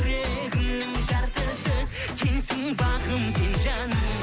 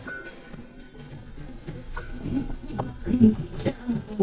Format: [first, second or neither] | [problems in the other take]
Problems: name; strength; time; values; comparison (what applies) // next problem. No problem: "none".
first | noise reduction (neural mask model DeepFilterNet 3)